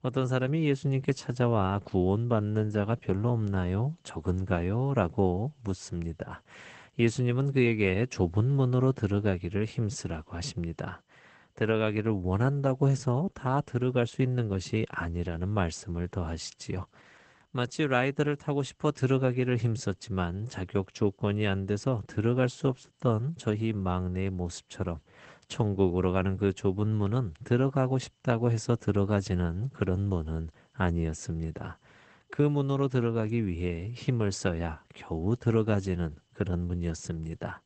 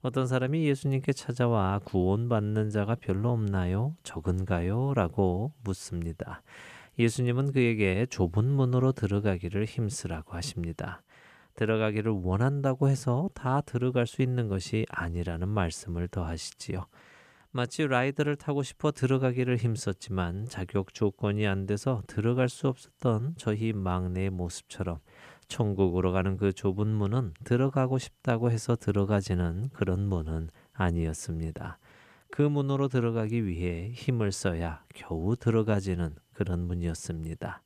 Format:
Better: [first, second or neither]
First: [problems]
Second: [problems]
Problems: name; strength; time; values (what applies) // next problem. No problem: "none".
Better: second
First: garbled, watery; badly; nothing above 8 kHz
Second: none